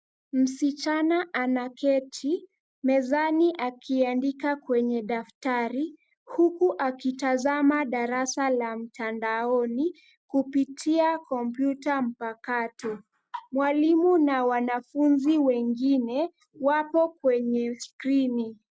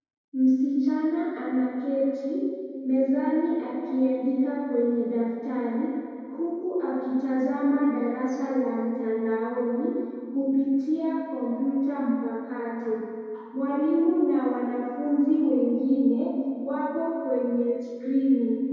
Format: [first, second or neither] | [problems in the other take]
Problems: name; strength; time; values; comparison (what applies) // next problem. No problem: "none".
first | room echo; dies away in 2.2 s